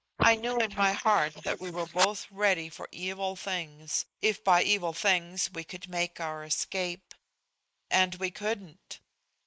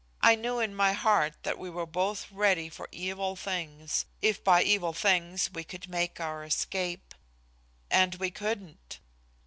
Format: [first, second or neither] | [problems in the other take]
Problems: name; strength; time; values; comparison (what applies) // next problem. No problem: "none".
second | noise reduction (neural mask model Resemble Enhance denoiser)